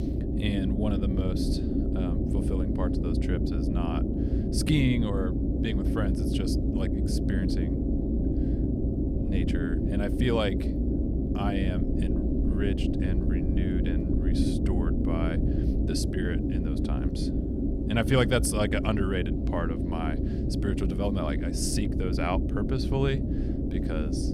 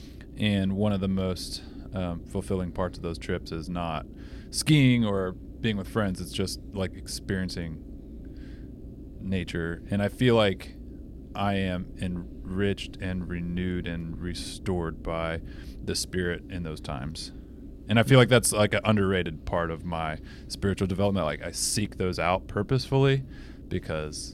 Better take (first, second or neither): second